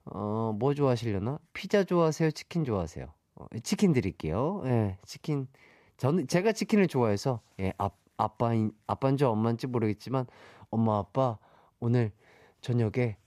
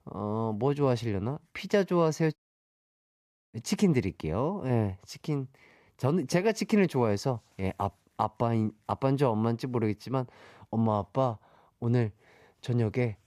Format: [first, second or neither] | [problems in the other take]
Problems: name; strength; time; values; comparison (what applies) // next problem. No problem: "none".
first | audio cutting out; at 2.5 s for 1 s